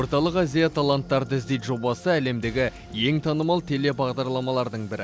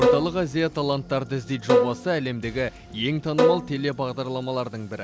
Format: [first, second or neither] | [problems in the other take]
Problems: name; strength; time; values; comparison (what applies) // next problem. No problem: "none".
first | background sound (Bowed string instrument); as loud as the speech